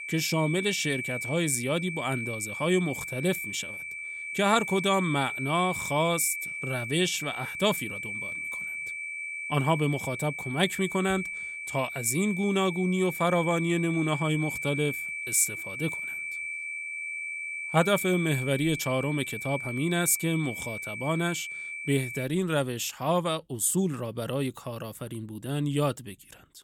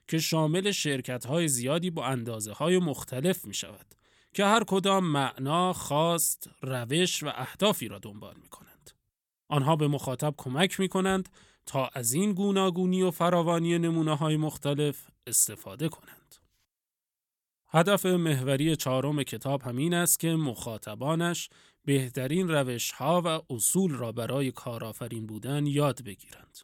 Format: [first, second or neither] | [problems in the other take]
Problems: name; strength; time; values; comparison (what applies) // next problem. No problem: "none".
second | high-pitched whine; loud; until 22 s; 2.5 kHz, 5 dB below the speech